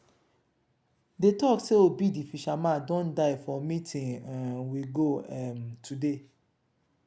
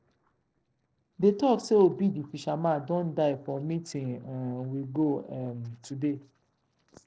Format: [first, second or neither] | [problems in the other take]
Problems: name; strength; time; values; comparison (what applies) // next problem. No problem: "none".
first | noise reduction (neural separator model SepFormer DNS4)